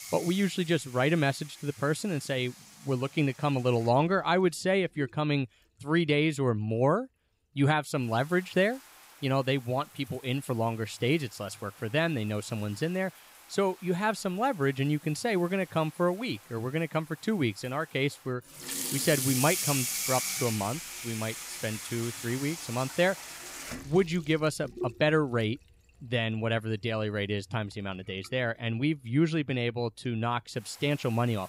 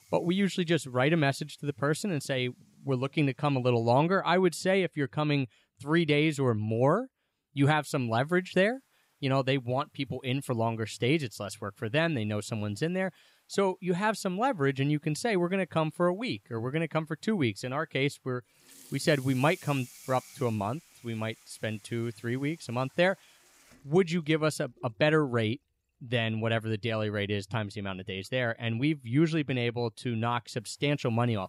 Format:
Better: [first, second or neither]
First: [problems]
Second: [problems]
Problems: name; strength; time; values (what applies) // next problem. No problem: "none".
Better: second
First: household noises; loud; throughout; 6 dB below the speech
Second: household noises; faint; throughout; 25 dB below the speech